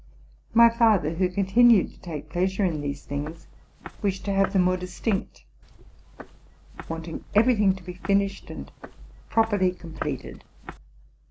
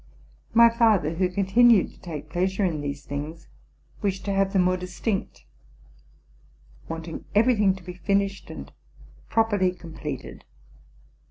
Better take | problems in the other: second | background sound (Walk, footsteps); 15 dB below the speech

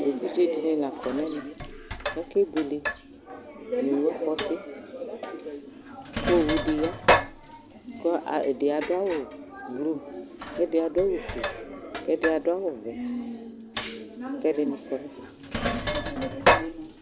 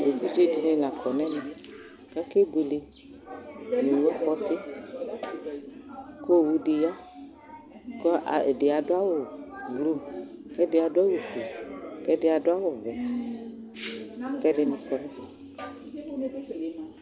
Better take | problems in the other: second | background sound (Sink (filling or washing)); 4 dB below the speech

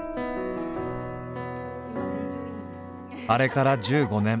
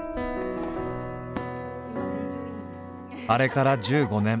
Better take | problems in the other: first | background sound (Fireworks); 17 dB below the speech

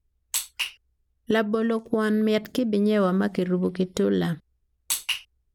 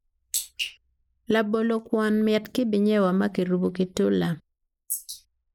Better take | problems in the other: first | noise reduction (neural mask model Resemble Enhance denoiser)

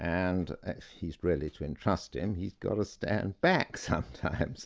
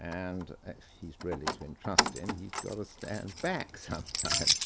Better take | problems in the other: first | background sound (Keys jangling); 4 dB above the speech

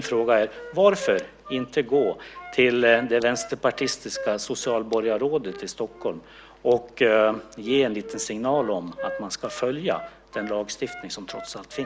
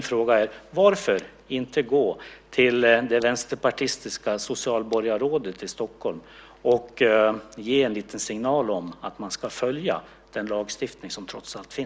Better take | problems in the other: second | background sound (Wind instrument, woodwind instrument); 15 dB below the speech

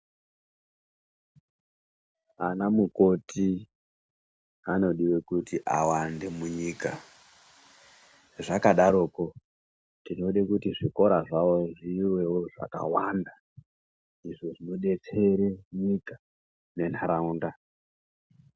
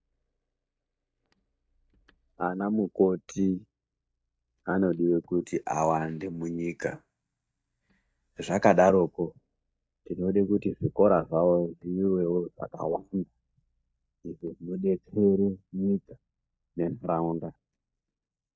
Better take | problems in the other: first | noise reduction (neural mask model DeepFilterNet 3)

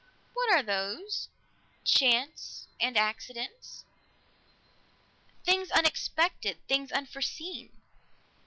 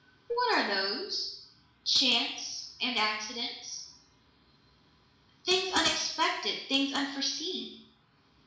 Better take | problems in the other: first | background sound (Dishes, pots, and pans); 10 dB below the speech // room echo; dies away in 0.7 s

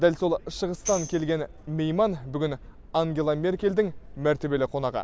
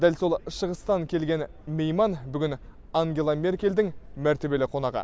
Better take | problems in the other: second | background sound (Tambourine); 14 dB below the speech

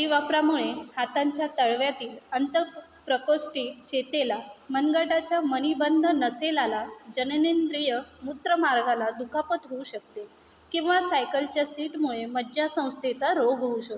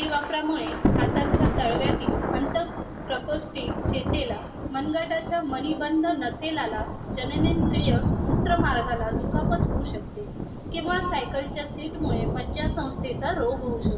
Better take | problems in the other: first | background sound (Thunder / Rain); 2 dB above the speech // room echo; dies away in 0.2 s

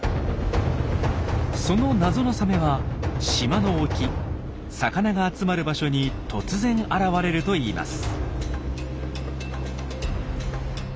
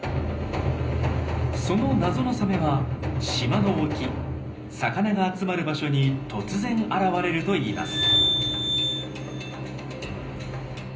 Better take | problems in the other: first | background sound (Glass); 1 dB below the speech // room echo; dies away in 0.5 s

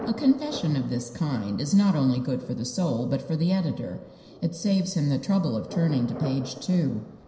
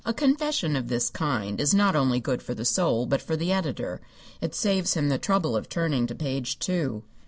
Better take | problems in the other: second | background sound (Thunder); 17 dB below the speech // room echo; dies away in 0.9 s

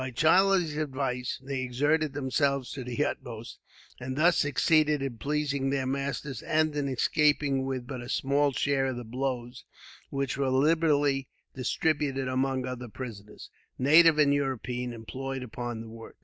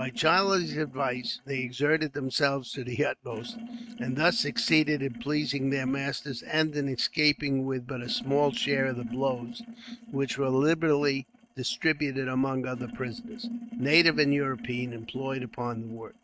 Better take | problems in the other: first | noise reduction (neural mask model RNNoise)

